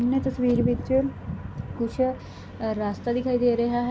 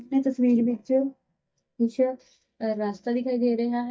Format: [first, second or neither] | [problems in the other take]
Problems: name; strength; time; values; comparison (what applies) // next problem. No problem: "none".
first | noise reduction (neural mask model DeepFilterNet 3)